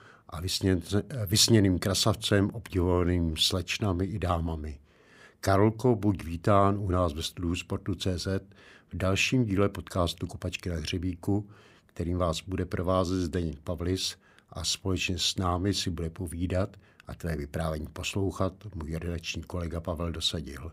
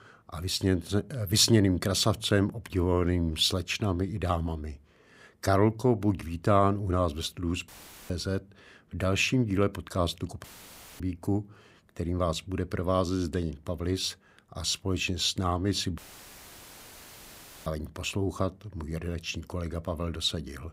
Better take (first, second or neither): first